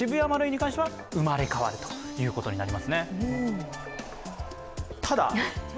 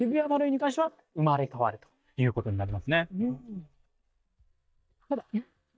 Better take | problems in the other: first | noise reduction (neural mask model DeepFilterNet 3)

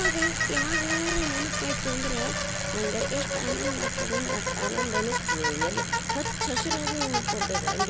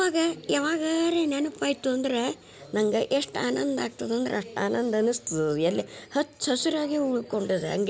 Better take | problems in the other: second | background sound (Bicycle); 5 dB above the speech

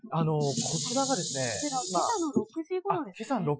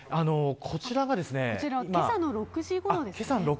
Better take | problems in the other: second | noise reduction (classical method Wiener filter)

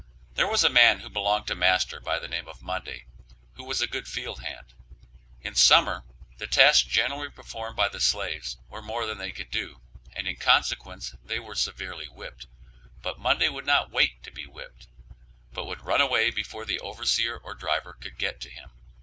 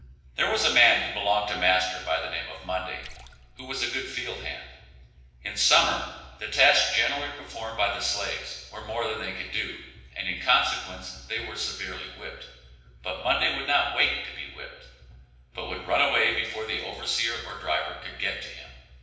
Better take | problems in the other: first | noise reduction (neural separator model SepFormer DNS4)

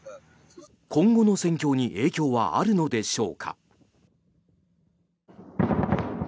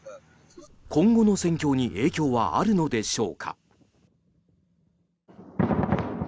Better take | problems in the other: first | background sound (Livestock, farm animals, working animals); 20 dB below the speech

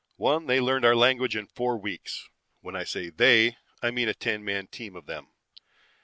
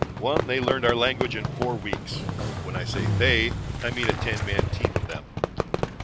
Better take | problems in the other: first | background sound (Motorcycle + Fireworks); 1 dB above the speech

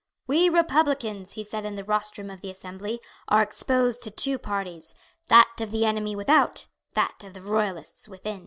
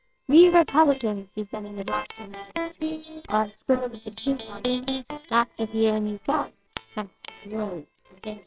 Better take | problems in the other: first | noise reduction (neural separator model SepFormer WHAMR!)

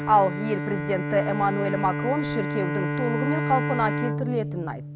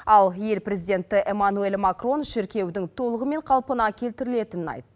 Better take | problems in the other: second | background sound (Bowed string instrument); 2 dB below the speech

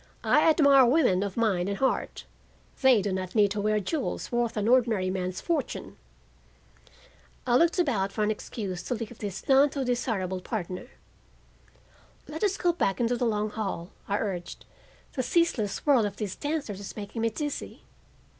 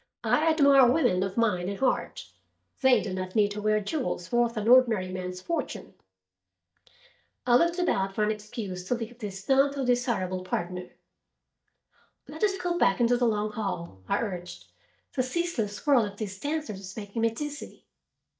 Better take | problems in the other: first | noise reduction (neural mask model DeepFilterNet 3)

